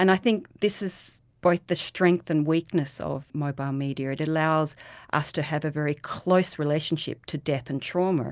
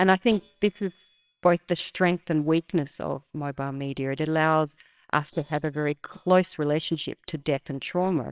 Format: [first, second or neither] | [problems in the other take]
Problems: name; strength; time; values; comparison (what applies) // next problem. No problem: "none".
first | noise reduction (neural separator model SepFormer WHAMR!)